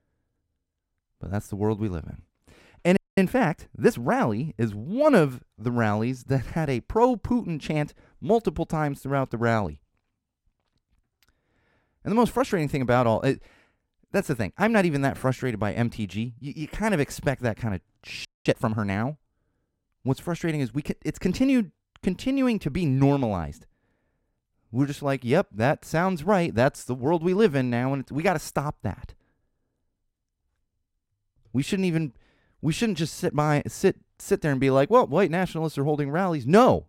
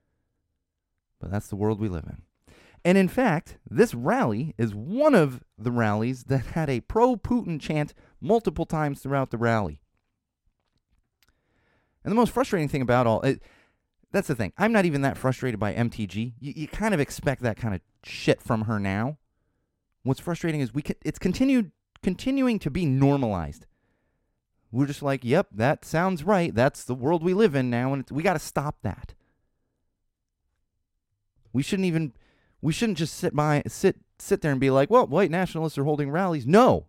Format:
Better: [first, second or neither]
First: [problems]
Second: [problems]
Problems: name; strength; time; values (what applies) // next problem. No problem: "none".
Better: second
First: audio freezing; at 3 s and at 18 s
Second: none